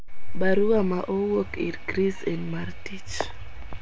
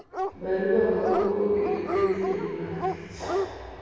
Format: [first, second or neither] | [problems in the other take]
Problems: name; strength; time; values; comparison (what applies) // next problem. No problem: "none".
first | background sound (Dog); 4 dB below the speech // room echo; dies away in 2.2 s